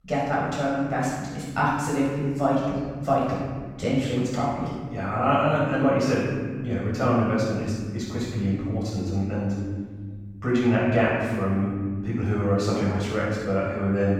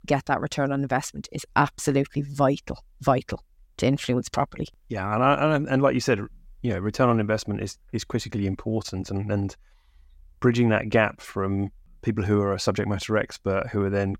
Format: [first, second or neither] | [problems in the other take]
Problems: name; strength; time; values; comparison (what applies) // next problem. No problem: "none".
second | off-mic speech; far // room echo; strong; dies away in 1.8 s